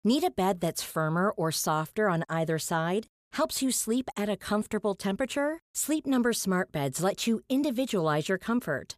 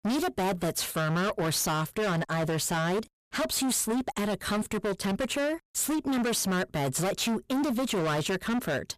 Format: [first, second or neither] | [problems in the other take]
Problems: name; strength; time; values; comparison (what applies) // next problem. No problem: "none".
first | distortion; heavy; 31% of the sound clipped